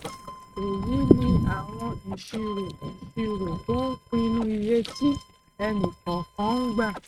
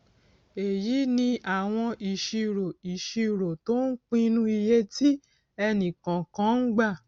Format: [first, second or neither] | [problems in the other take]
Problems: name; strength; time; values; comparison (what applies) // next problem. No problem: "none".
second | noise reduction (neural mask model RNNoise)